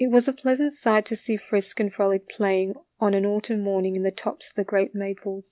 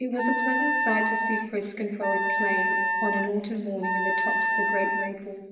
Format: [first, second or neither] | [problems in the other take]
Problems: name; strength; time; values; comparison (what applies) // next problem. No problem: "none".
first | background sound (Wind instrument, woodwind instrument); 3 dB above the speech // room echo; dies away in 1.3 s